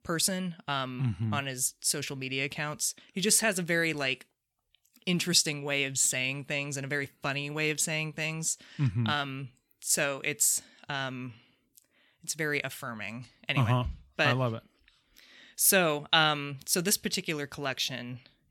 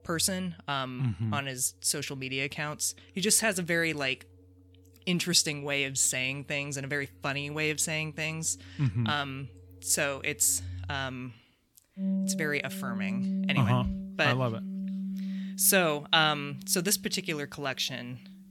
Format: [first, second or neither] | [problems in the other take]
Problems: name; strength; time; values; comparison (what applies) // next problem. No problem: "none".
first | background music; loud; throughout; 8 dB below the speech